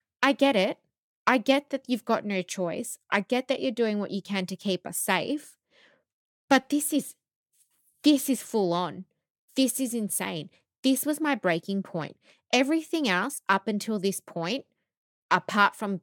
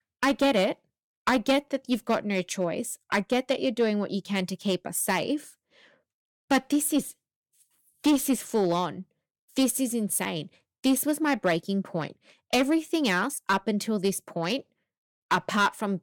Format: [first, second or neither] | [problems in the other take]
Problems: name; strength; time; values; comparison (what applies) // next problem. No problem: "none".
first | distortion; slight; 3% of the sound clipped